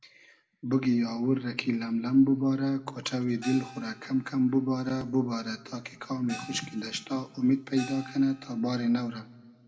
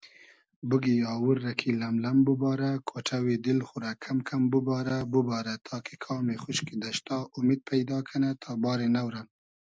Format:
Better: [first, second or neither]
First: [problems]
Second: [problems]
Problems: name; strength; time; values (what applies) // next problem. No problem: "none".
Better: second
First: background sound (Gong); 18 dB below the speech // room echo; dies away in 1.2 s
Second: none